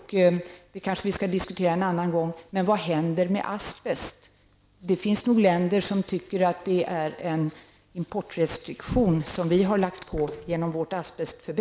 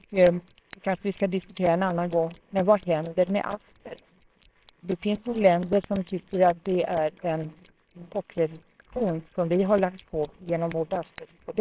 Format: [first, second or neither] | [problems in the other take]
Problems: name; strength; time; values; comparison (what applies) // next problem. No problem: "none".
first | noise reduction (neural separator model SepFormer WHAMR!)